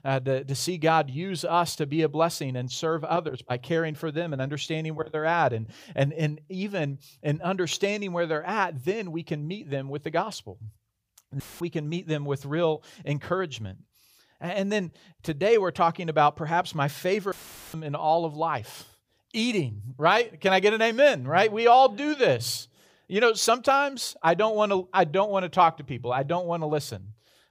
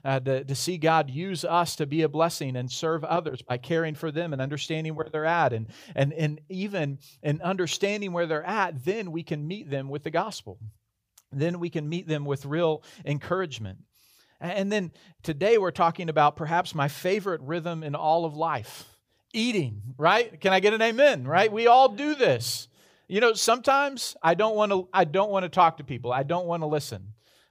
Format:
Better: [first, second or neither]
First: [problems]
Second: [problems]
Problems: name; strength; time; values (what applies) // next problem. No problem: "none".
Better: second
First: audio cutting out; filled with static; at 11 s and at 17 s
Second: none